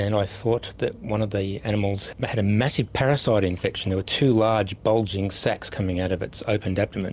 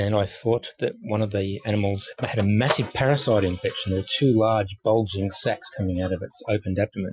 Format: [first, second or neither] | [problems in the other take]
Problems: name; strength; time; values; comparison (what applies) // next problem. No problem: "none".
first | noise reduction (classical method Wiener filter)